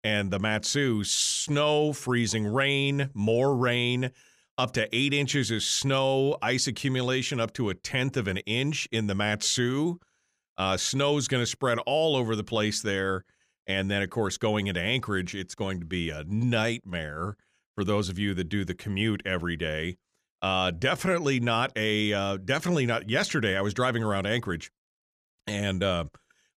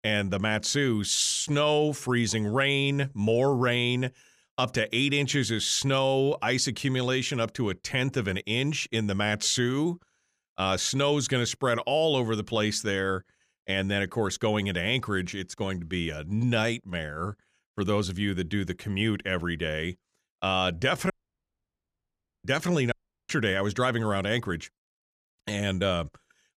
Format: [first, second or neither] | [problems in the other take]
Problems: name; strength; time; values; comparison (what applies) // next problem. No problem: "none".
first | audio cutting out; at 21 s for 1.5 s and at 23 s